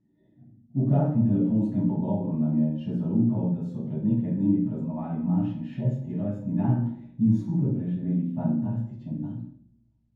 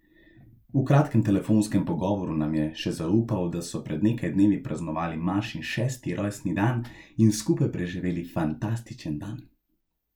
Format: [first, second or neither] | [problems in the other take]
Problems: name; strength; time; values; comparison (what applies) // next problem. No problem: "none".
second | room echo; dies away in 0.9 s